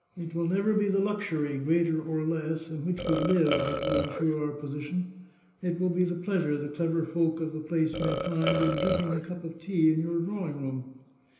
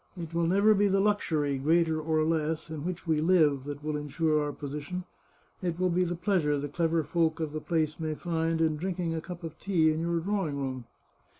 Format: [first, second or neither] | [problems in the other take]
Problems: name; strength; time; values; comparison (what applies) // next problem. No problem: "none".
second | background sound (Burping, eructation); 2 dB below the speech // room echo; dies away in 0.8 s